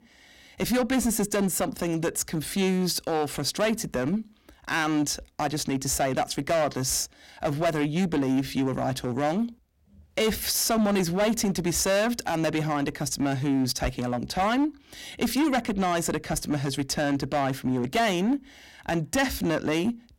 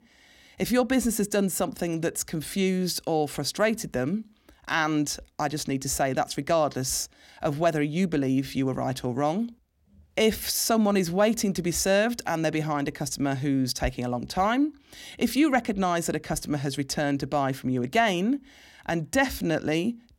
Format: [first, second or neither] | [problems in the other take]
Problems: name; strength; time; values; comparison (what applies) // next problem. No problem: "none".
second | distortion; slight; 11% of the sound clipped